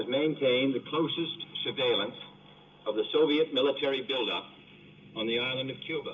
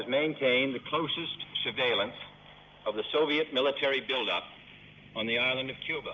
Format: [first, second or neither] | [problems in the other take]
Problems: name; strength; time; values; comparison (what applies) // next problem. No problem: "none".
second | room echo; dies away in 0.2 s